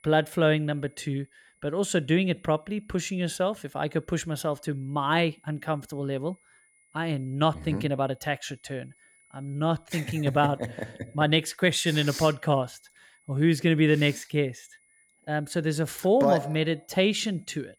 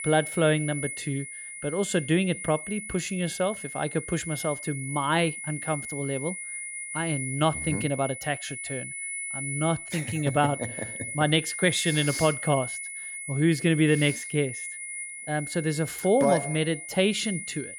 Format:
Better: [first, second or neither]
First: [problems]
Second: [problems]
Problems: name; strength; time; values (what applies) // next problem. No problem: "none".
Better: first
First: high-pitched whine; faint; throughout; 2 kHz, 35 dB below the speech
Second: high-pitched whine; loud; throughout; 2 kHz, 7 dB below the speech